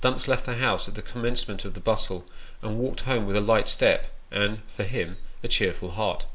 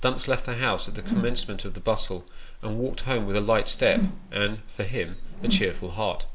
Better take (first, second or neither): first